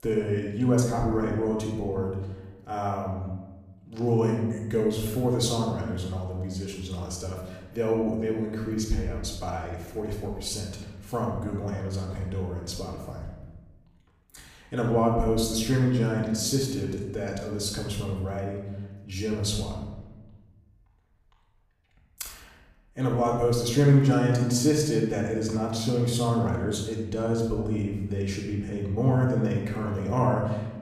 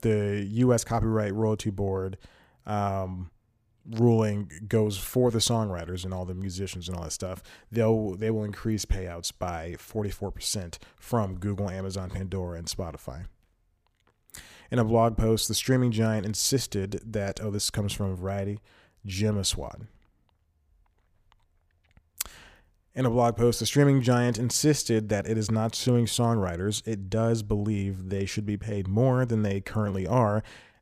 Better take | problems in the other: second | off-mic speech; far // room echo; noticeable; dies away in 1.1 s

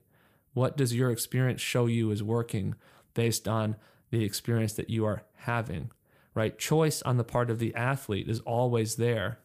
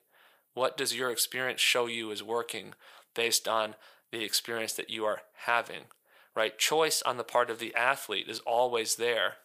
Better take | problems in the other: first | thin; very; fading below 700 Hz

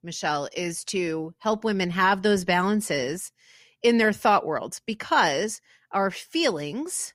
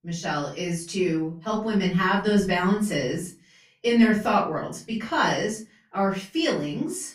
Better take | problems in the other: first | off-mic speech; far // room echo; slight; dies away in 0.3 s

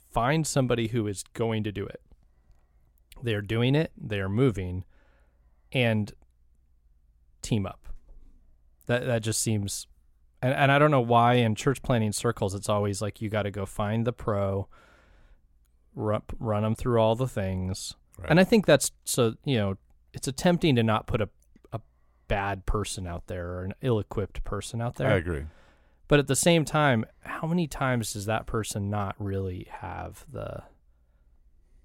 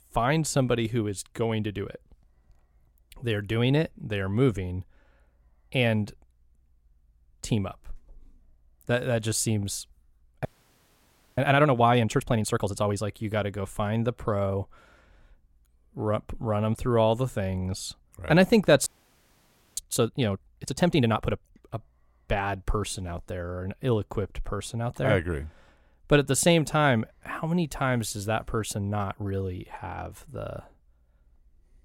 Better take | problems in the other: first | audio freezing; at 10 s for 1 s and at 19 s for 1 s

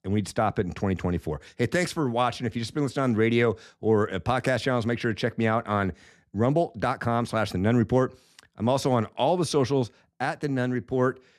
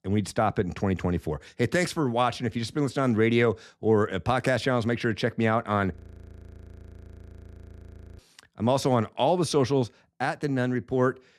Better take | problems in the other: first | audio freezing; at 6 s for 2 s

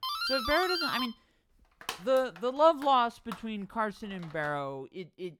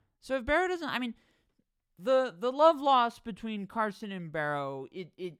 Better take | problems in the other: second | doorbell; noticeable; until 4.5 s; peak level with the speech

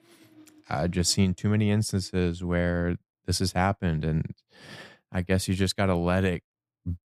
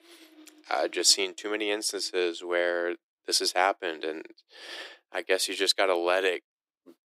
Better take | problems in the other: first | thin; very; fading below 300 Hz

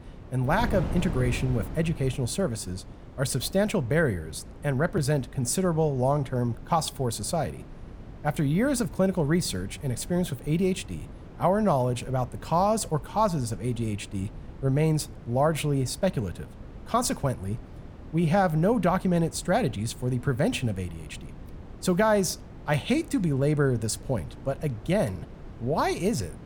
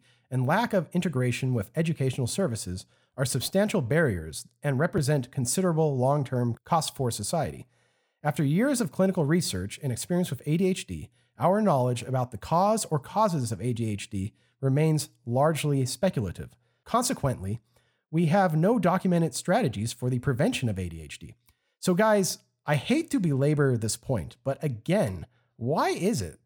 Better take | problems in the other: second | wind noise on the microphone; occasional gusts; 20 dB below the speech

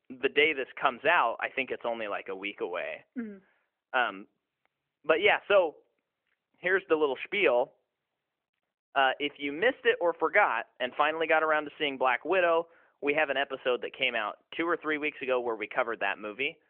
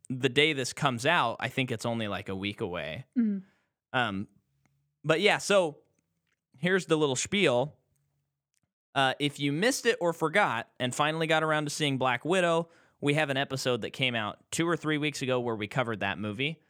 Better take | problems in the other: second | phone-call audio; nothing above 3 kHz

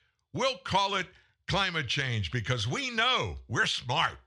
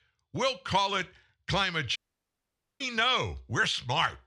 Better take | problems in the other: first | audio cutting out; at 2 s for 1 s

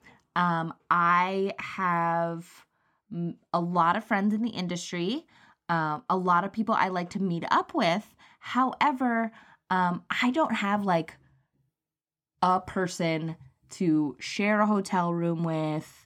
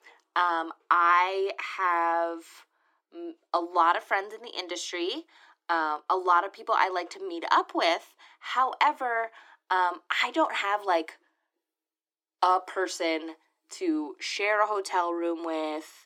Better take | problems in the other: first | thin; very; fading below 300 Hz

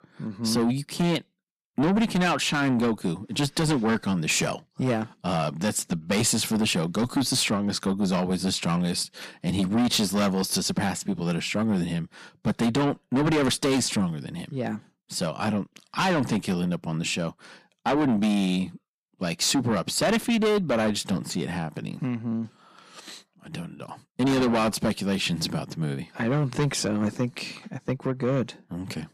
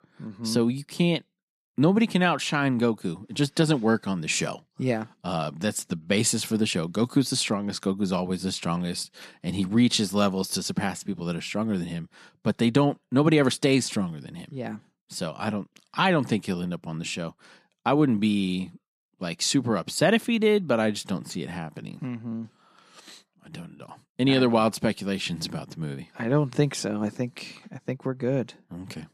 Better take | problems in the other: second | distortion; heavy; 6 dB below the speech

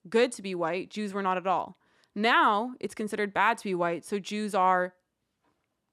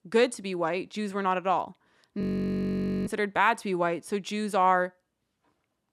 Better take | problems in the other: first | audio freezing; at 2 s for 1 s

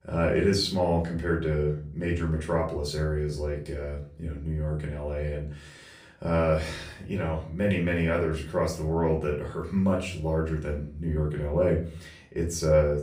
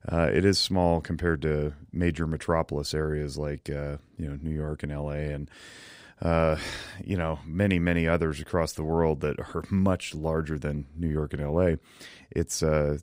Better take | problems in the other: second | room echo; slight; dies away in 0.4 s // off-mic speech; far

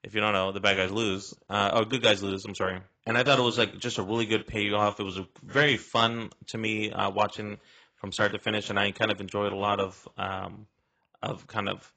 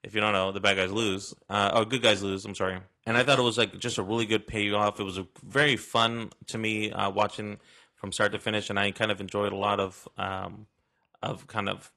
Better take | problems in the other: second | garbled, watery; badly; nothing above 7.5 kHz; slightly in the second

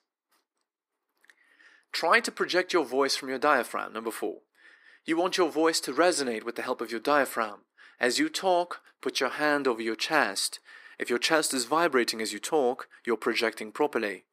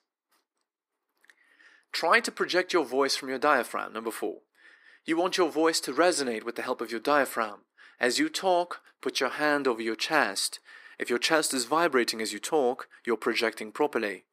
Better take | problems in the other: neither | thin; somewhat; fading below 300 Hz; the same in both

